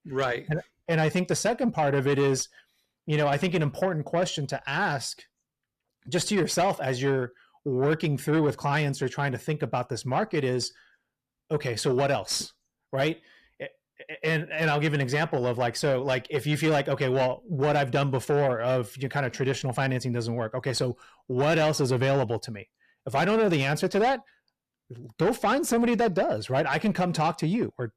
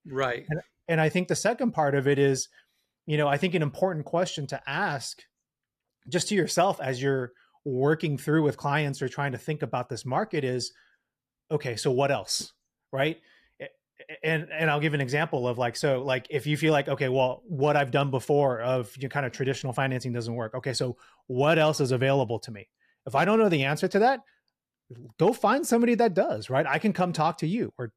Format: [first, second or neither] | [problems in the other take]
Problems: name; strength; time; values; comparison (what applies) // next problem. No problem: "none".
second | distortion; slight; 10 dB below the speech